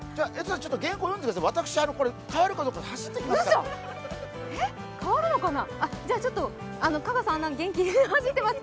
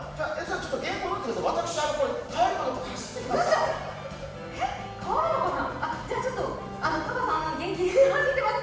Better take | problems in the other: first | room echo; dies away in 1.1 s

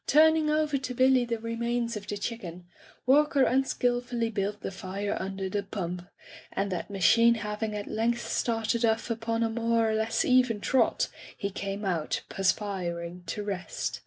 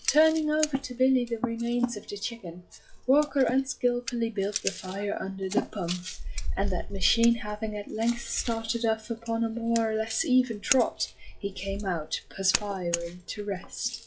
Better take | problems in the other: first | noise reduction (classical method log-MMSE)

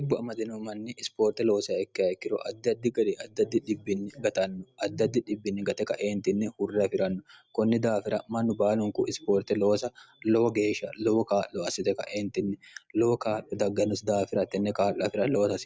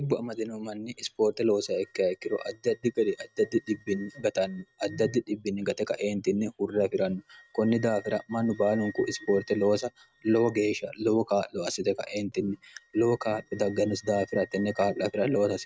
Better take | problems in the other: first | noise reduction (neural mask model RNNoise)

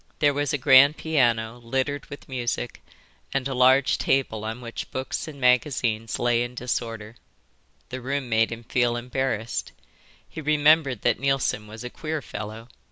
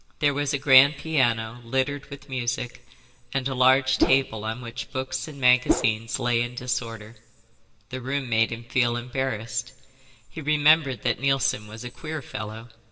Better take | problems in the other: first | background sound (Whoosh, swoosh, swish); 1 dB above the speech // room echo; dies away in 1.1 s

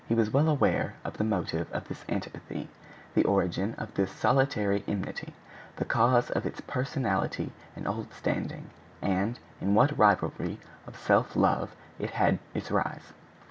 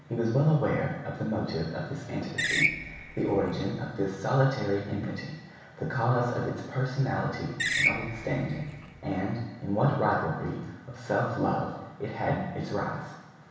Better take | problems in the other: first | background sound (Screech); 2 dB below the speech // room echo; dies away in 1.1 s

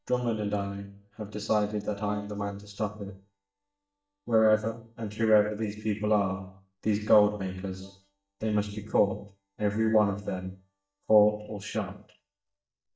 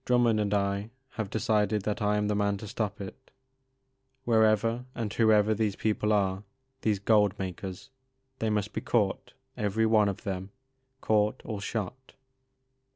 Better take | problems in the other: second | noise reduction (neural mask model DeepFilterNet 3)

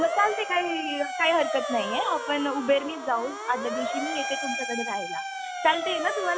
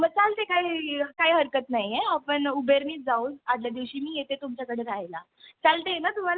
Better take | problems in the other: second | background sound (Motor vehicle (road) / Siren); 4 dB below the speech

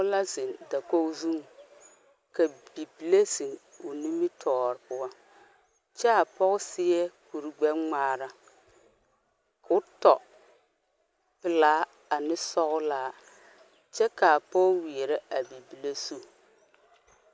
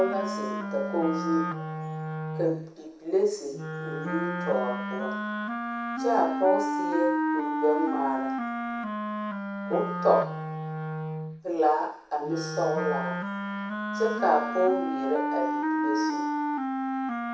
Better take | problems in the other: first | background sound (Wind instrument, woodwind instrument); 1 dB below the speech // room echo; dies away in 0.7 s

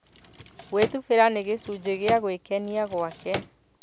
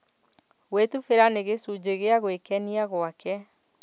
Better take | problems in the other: second | background sound (Drawer open or close); 12 dB below the speech

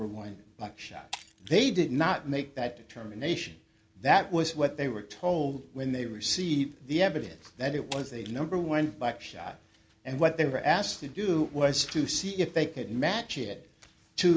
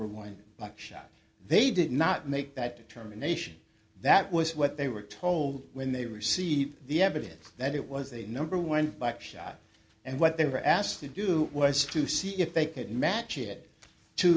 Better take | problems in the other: second | background sound (Shatter); 19 dB below the speech

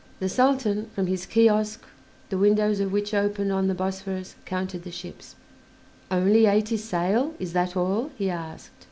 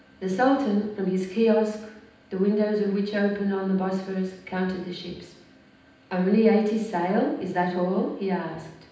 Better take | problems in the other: first | room echo; dies away in 0.9 s

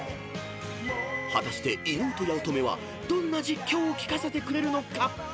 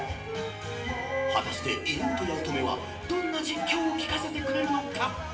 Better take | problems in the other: first | background sound (Wind instrument, woodwind instrument); 7 dB below the speech // room echo; dies away in 0.6 s

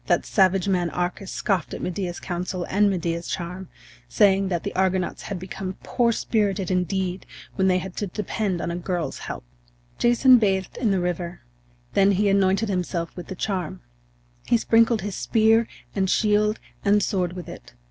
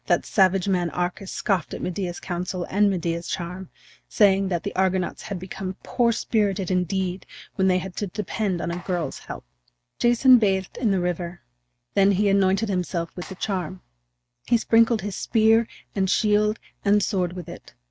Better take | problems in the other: first | noise reduction (neural mask model RNNoise)

